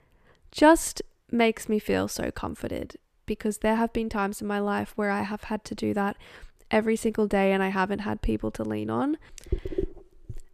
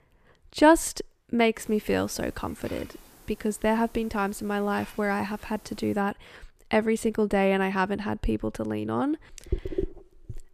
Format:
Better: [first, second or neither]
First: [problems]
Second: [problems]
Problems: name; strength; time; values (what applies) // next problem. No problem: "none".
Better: first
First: none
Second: hiss; faint; from 1.5 to 6 s; 25 dB below the speech